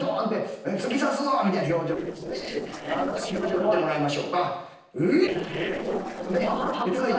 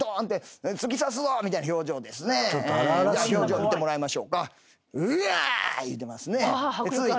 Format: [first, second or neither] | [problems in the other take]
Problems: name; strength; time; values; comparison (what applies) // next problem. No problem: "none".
second | noise reduction (neural separator model SepFormer DNS4)